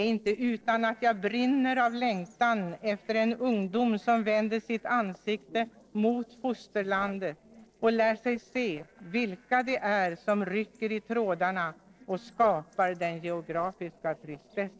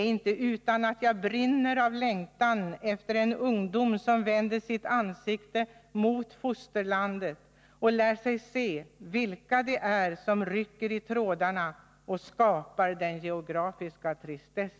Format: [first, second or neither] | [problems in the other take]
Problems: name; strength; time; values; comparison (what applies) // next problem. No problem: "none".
second | noise reduction (neural separator model SepFormer DNS4)